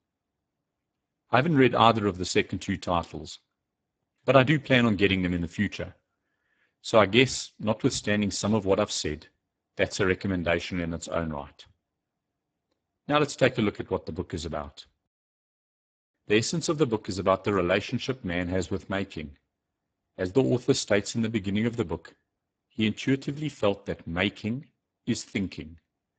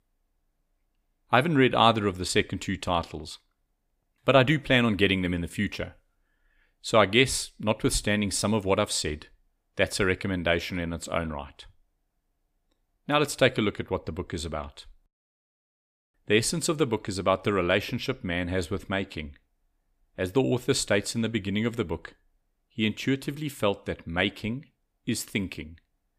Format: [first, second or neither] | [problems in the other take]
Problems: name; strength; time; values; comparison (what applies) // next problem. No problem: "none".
second | garbled, watery; badly; nothing above 8 kHz